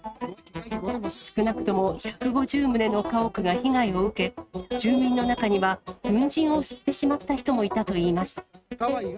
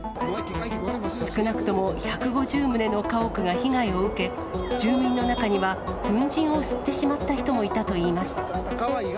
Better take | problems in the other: second | noise reduction (neural mask model RNNoise)

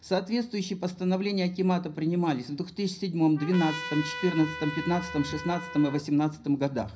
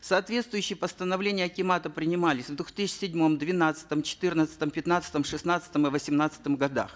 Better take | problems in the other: second | background sound (Trumpet); 11 dB below the speech // room echo; dies away in 0.5 s

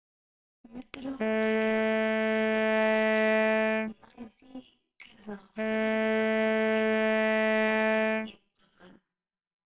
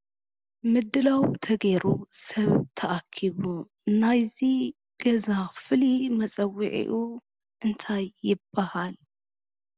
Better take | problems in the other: second | noise reduction (neural separator model SepFormer WHAMR!)

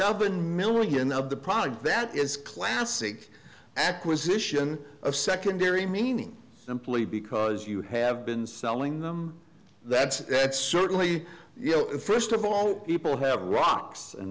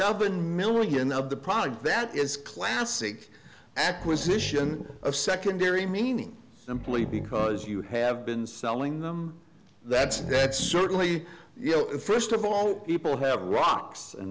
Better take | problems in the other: first | background sound (Growling); 13 dB below the speech

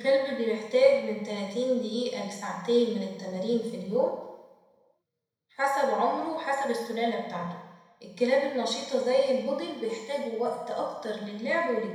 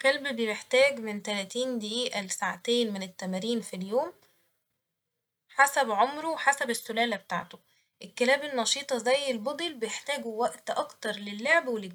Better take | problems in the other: second | room echo; dies away in 1 s

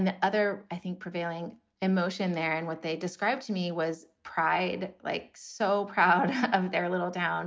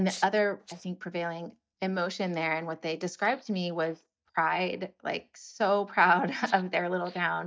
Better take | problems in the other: first | noise reduction (neural mask model DeepFilterNet 3)

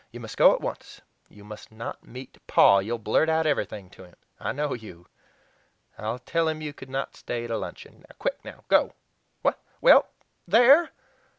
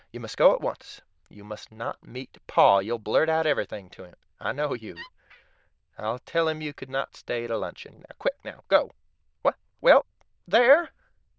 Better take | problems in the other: first | noise reduction (neural diffusion model UNIVERSE++)

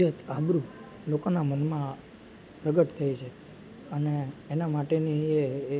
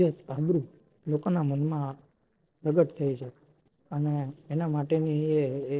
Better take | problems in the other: first | noise reduction (neural separator model SepFormer DNS4)

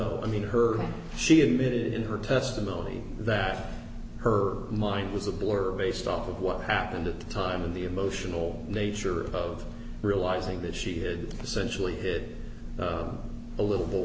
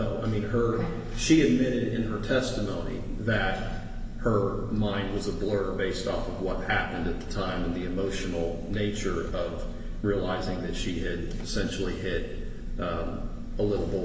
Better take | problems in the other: first | room echo; dies away in 2.5 s

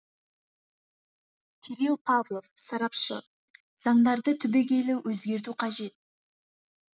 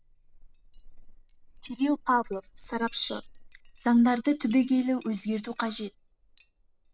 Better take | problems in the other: first | noise reduction (neural separator model SepFormer DNS4)

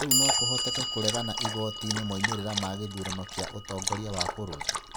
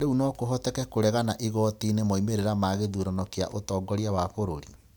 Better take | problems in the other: second | background sound (Dog + Clock); 3 dB above the speech

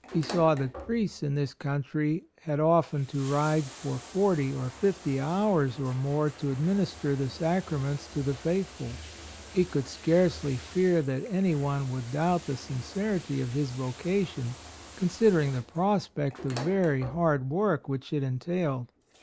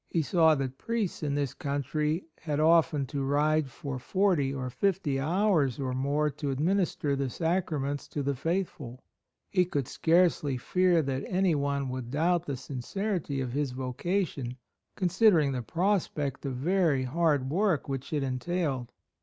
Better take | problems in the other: second | background sound (Bathtub (filling or washing)); 18 dB below the speech

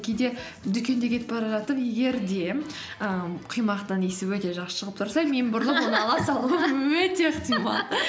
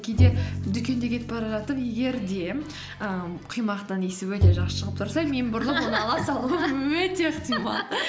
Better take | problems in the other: first | background sound (Bowed string instrument); 1 dB below the speech

